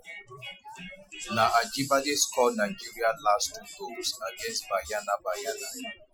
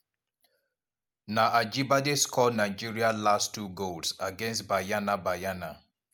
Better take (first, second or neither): second